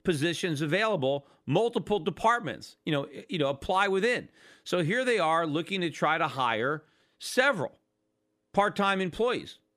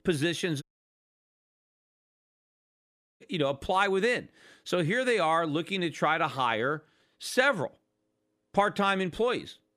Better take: first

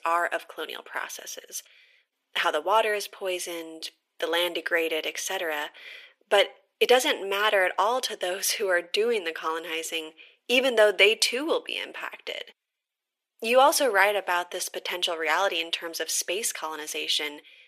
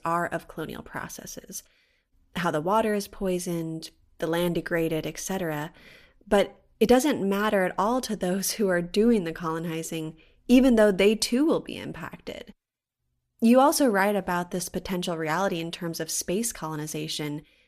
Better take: second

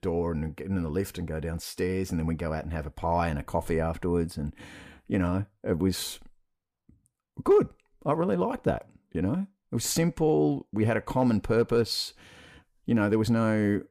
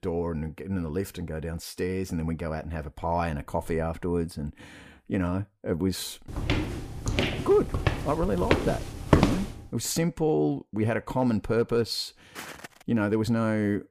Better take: first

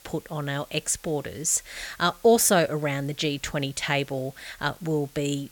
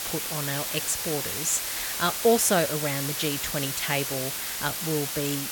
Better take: first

